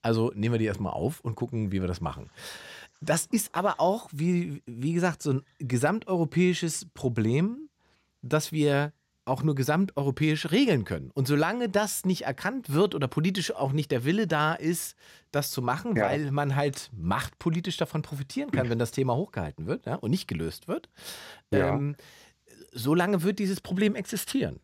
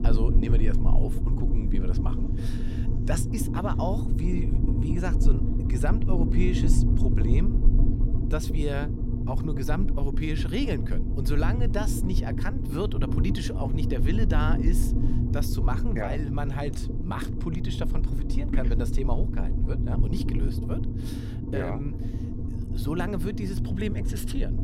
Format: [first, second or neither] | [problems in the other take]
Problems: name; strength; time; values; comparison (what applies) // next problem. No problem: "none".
first | low rumble; loud; throughout; 3 dB below the speech